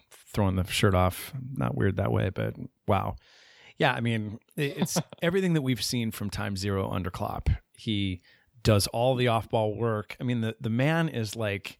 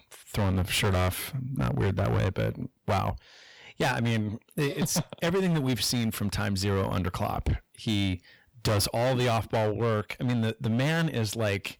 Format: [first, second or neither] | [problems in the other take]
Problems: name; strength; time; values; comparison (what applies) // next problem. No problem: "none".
first | distortion; heavy; 17% of the sound clipped